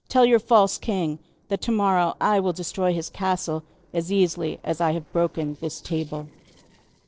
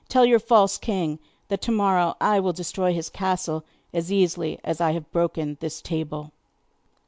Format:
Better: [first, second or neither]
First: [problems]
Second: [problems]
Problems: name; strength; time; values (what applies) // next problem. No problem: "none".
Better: second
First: noise reduction (neural separator model SepFormer DNS4)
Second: none